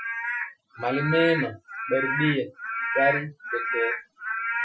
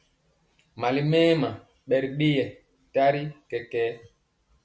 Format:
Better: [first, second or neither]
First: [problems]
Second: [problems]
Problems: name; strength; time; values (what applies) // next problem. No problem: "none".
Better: second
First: noise reduction (classical method Wiener filter)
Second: none